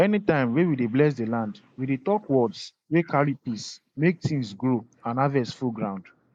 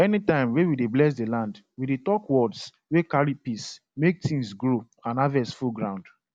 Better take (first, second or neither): second